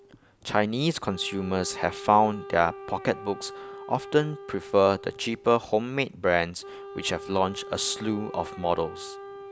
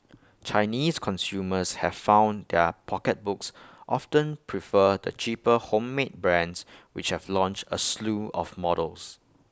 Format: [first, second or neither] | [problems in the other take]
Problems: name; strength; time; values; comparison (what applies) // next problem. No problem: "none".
second | background sound (Wind instrument, woodwind instrument); 15 dB below the speech